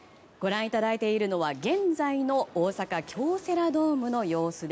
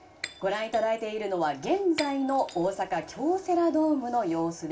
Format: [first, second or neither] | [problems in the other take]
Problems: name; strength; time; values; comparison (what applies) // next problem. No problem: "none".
first | background sound (Shatter); 17 dB below the speech // room echo; dies away in 0.2 s